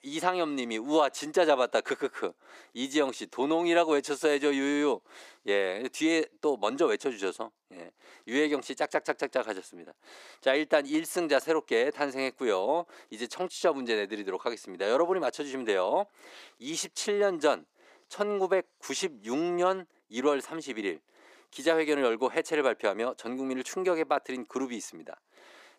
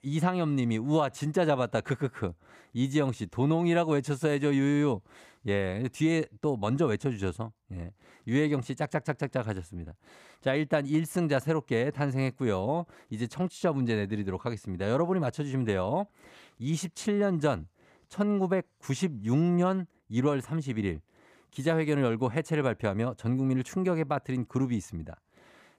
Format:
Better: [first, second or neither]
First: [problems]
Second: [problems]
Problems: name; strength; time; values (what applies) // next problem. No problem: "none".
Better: second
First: thin; somewhat; fading below 350 Hz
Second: none